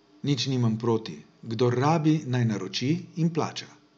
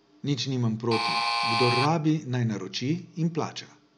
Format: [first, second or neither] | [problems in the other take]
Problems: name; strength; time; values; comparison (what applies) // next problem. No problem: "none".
first | background sound (Alarm); 2 dB above the speech